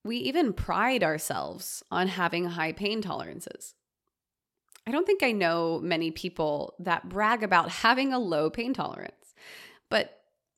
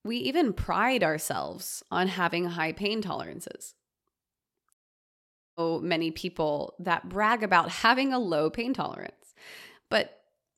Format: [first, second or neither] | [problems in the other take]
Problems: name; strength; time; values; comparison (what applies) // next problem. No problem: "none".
first | audio cutting out; at 4.5 s for 1 s